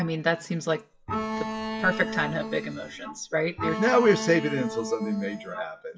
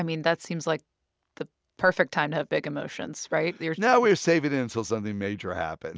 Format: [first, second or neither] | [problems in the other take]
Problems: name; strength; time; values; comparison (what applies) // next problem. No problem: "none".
second | noise reduction (classical method WPE with log-MMSE)